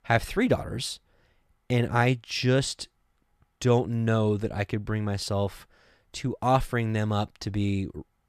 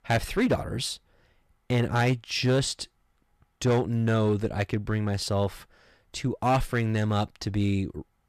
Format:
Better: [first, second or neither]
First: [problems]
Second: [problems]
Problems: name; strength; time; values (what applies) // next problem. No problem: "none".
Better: first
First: none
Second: distortion; slight; 4% of the sound clipped